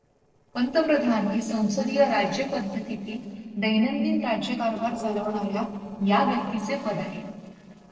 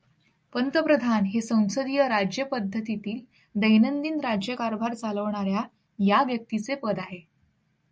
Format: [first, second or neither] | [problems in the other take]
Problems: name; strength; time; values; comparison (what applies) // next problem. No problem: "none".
second | noise reduction (neural separator model SepFormer DNS4)